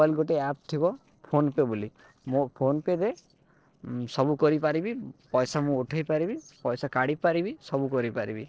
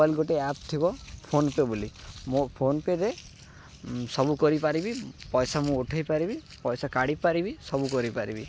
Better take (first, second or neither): second